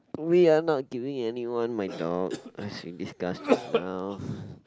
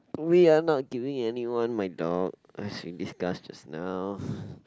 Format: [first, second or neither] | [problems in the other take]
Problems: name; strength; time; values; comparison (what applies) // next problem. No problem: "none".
second | background sound (Cough); 4 dB below the speech